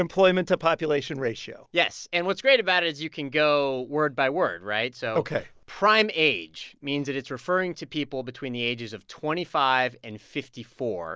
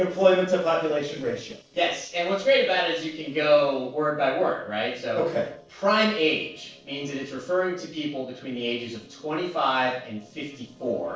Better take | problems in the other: first | noise reduction (neural separator model SepFormer DNS4)

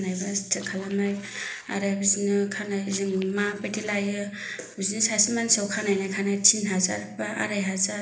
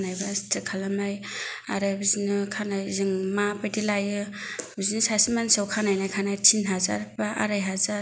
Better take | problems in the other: second | noise reduction (neural separator model SepFormer DNS4)

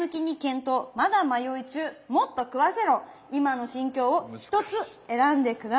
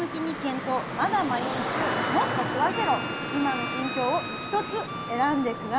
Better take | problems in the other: first | background sound (Traffic noise, roadway noise + Harmonica); 2 dB below the speech

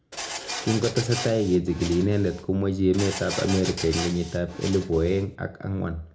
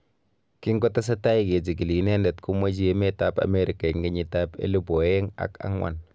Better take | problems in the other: second | background sound (Printer); 10 dB below the speech // room echo; dies away in 0.3 s

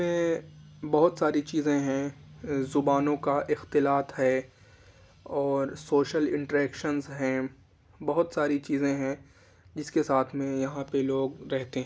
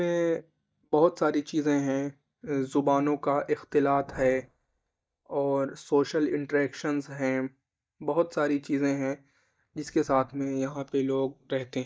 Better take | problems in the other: first | noise reduction (neural mask model DeepFilterNet 3)

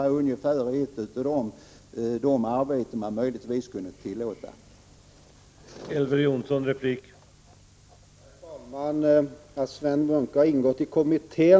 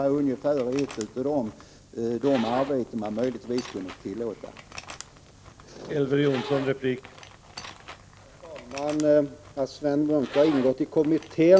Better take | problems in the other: first | background sound (Zipper (clothing)); 17 dB below the speech

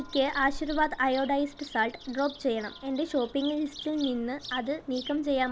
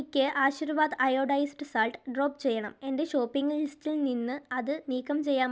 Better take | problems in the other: second | background sound (Church bell + Bird vocalization, bird call, bird song); 14 dB below the speech

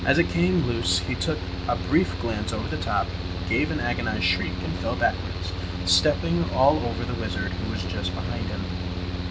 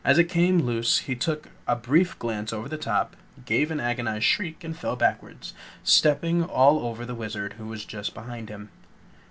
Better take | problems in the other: second | background sound (Mechanical fan); 2 dB below the speech

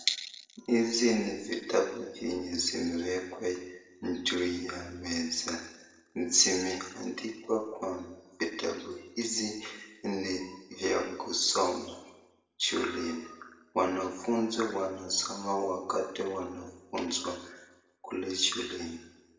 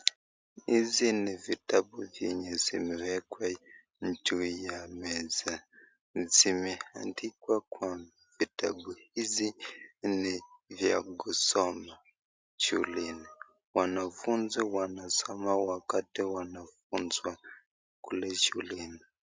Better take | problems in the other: second | room echo; dies away in 0.9 s

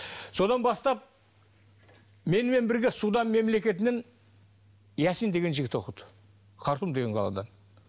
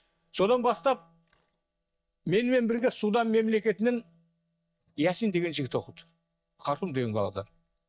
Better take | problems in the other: first | noise reduction (neural mask model DeepFilterNet 3)

